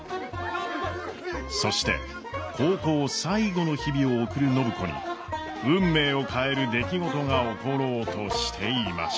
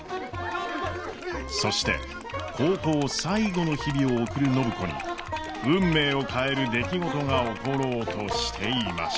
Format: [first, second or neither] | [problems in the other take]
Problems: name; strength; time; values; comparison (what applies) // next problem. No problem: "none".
first | background sound (Liquid); 16 dB below the speech